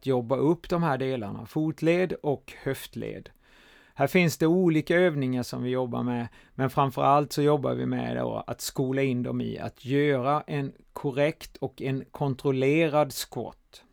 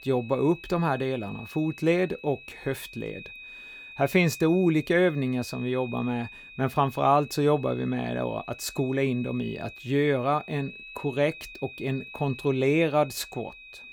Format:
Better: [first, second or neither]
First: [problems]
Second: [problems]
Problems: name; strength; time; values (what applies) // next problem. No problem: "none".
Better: first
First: none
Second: high-pitched whine; noticeable; throughout; 2.5 kHz, 15 dB below the speech